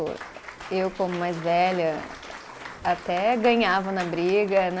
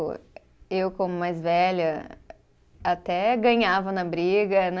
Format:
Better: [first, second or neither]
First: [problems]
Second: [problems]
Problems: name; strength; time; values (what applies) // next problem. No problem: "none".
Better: second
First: background sound (Applause / Cheering); 15 dB below the speech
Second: none